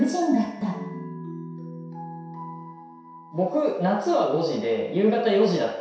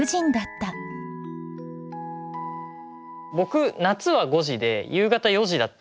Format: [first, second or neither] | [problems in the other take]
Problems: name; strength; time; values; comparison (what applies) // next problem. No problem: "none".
second | room echo; dies away in 0.7 s